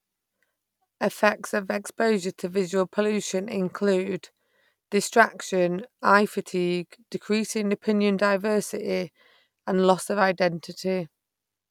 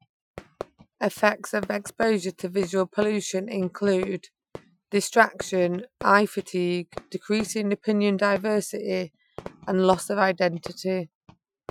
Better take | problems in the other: first | noise reduction (classical method Wiener filter)

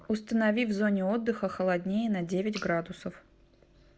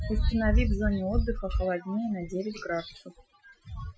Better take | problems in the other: first | noise reduction (classical method Wiener filter)

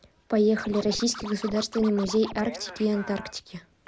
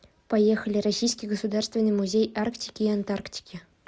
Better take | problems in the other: second | background sound (Scratching (performance technique)); 15 dB below the speech

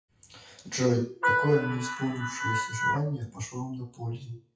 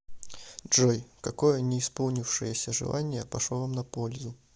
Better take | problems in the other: second | noise reduction (classical method WPE with log-MMSE)

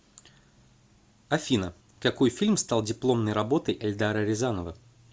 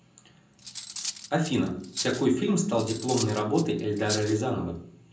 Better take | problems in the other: first | background sound (Cutlery, silverware); 10 dB below the speech // room echo; dies away in 0.6 s

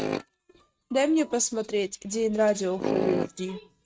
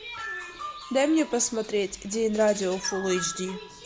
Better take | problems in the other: second | noise reduction (neural mask model RNNoise)

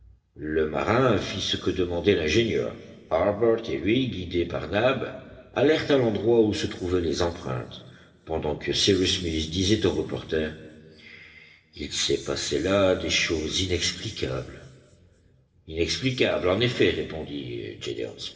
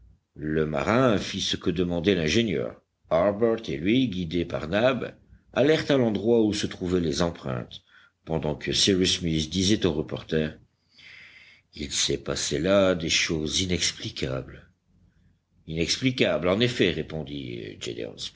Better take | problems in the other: second | room echo; dies away in 2.1 s

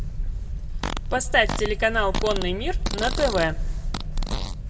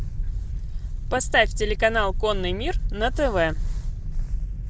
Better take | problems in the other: second | background sound (Fart); 11 dB below the speech // room echo; dies away in 1.6 s

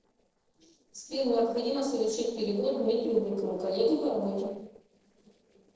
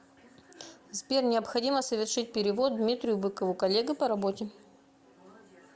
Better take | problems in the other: second | noise reduction (neural separator model SepFormer DNS4)

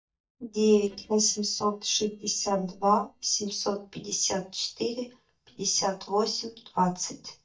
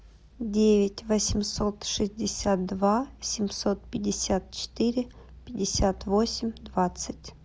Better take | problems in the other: second | noise reduction (neural mask model DeepFilterNet 3)

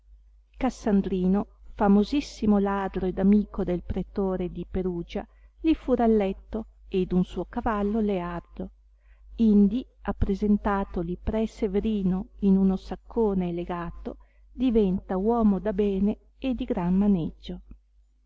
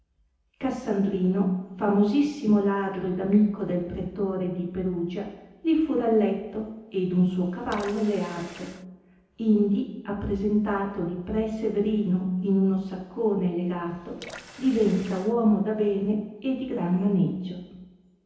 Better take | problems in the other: first | background sound (Water tap, faucet / Water); 19 dB below the speech // room echo; dies away in 0.9 s

